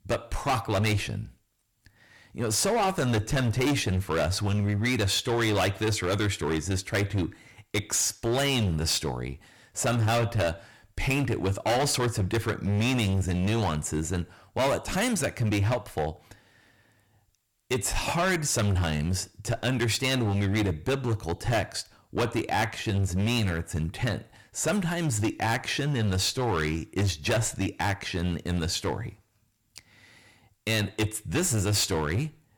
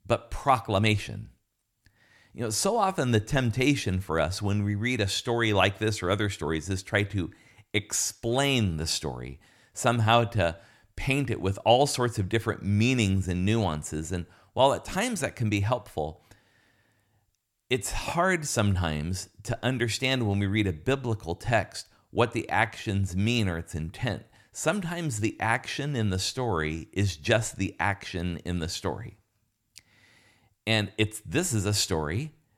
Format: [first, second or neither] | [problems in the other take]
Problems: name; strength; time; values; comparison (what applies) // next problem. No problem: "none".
second | distortion; heavy; 15% of the sound clipped